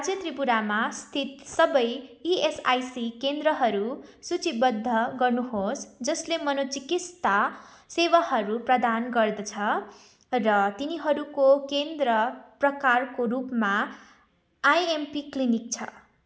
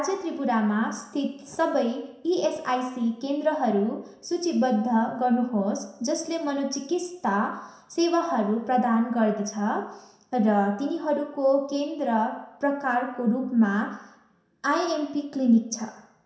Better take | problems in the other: first | room echo; dies away in 0.7 s

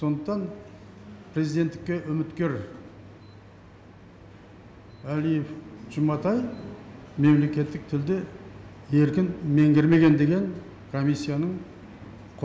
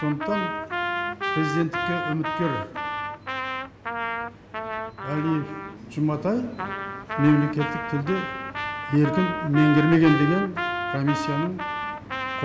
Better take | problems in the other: first | background sound (Trumpet); 5 dB below the speech

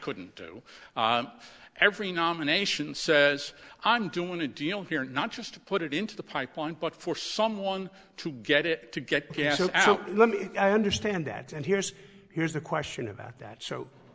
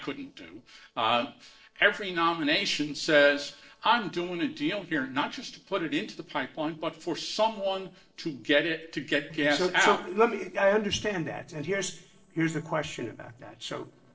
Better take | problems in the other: first | noise reduction (neural separator model SepFormer DNS4)

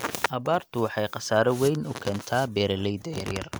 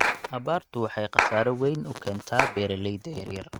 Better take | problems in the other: first | noise reduction (neural mask model RNNoise)

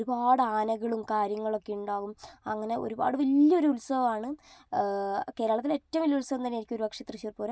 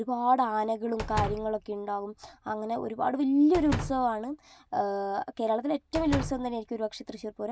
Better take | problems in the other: first | background sound (Slam); 10 dB below the speech

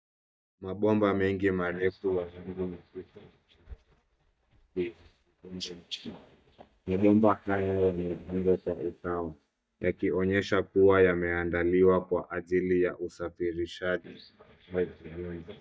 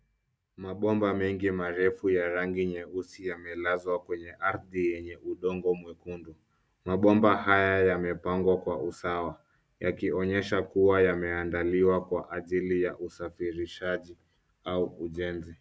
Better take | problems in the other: second | noise reduction (neural mask model DeepFilterNet 3)

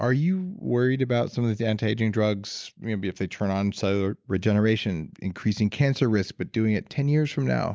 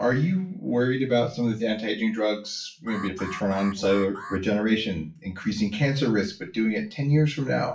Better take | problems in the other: first | noise reduction (classical method WPE with log-MMSE)

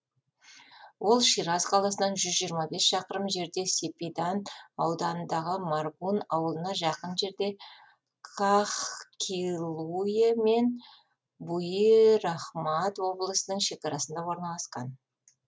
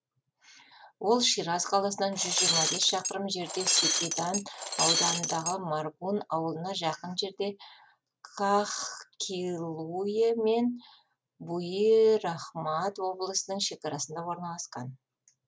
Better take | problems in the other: first | background sound (Shatter); 1 dB above the speech

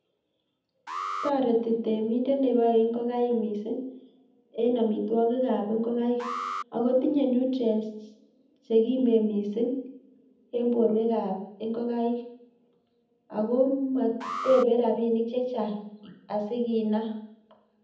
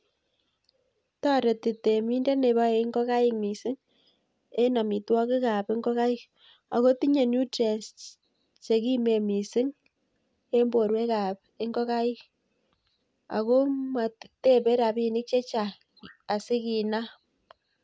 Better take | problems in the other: second | background sound (Alarm); 11 dB below the speech // room echo; dies away in 0.8 s

